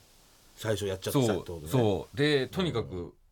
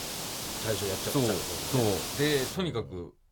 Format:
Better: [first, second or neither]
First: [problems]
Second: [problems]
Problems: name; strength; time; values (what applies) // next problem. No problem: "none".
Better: first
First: hiss; faint; until 2.5 s; 30 dB below the speech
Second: hiss; loud; until 2.5 s; 2 dB below the speech